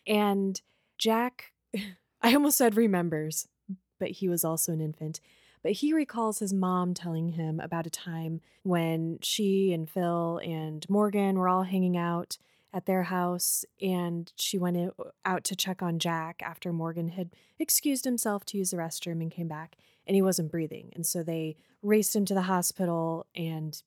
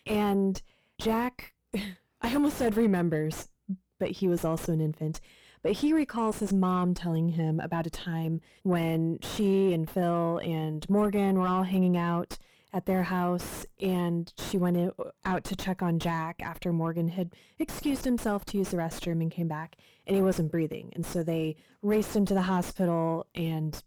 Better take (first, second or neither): first